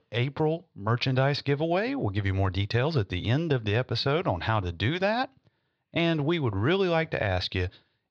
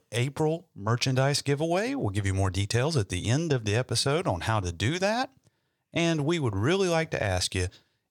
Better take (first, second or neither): second